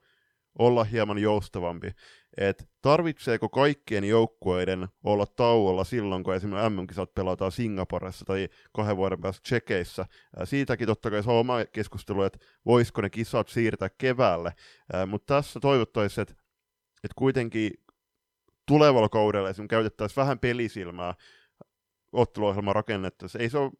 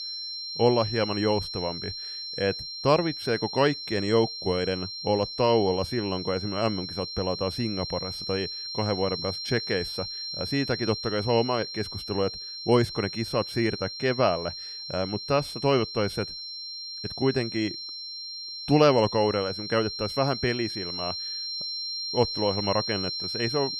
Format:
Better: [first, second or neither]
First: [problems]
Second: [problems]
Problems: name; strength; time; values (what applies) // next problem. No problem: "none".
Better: first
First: none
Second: high-pitched whine; loud; throughout; 4 kHz, 6 dB below the speech